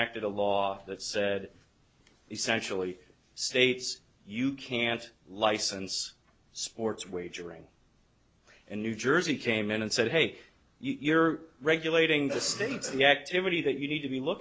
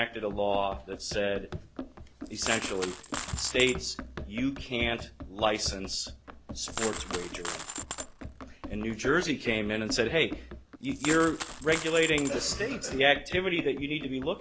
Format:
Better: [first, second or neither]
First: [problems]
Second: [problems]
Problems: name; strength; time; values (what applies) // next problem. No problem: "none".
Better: first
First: none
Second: background sound (Coin (dropping) + Run); 9 dB below the speech